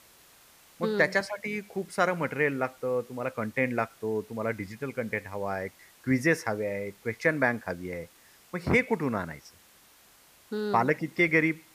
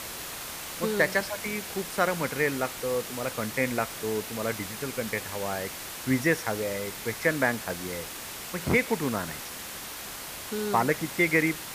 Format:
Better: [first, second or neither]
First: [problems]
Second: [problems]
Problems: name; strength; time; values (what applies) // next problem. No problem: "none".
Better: first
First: hiss; faint; throughout; 25 dB below the speech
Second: hiss; loud; throughout; 7 dB below the speech